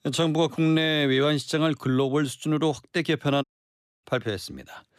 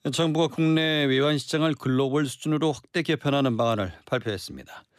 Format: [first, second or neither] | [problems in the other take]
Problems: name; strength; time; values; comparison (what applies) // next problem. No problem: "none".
second | audio cutting out; at 3.5 s for 0.5 s